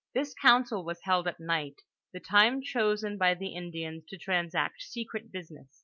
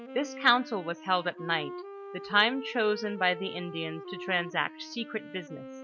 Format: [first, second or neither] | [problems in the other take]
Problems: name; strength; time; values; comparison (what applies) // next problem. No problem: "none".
first | background sound (Wind instrument, woodwind instrument); 12 dB below the speech